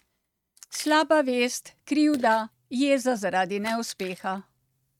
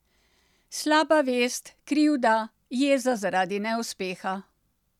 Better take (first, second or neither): second